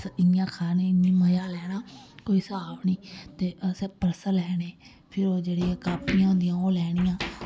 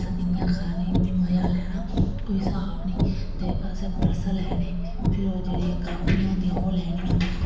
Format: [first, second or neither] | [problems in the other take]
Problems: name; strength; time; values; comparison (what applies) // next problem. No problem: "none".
first | background sound (Car); 2 dB above the speech // room echo; dies away in 1.1 s